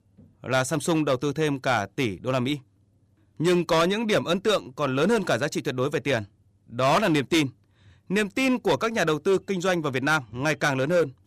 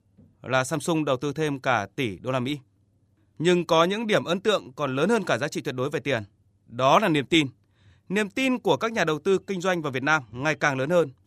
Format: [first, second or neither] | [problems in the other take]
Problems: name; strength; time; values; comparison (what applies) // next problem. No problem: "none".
second | distortion; slight; 6% of the sound clipped